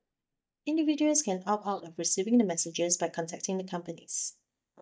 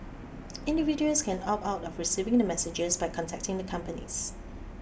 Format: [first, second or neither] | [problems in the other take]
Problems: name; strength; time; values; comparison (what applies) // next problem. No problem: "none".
second | noise reduction (neural mask model DeepFilterNet 3)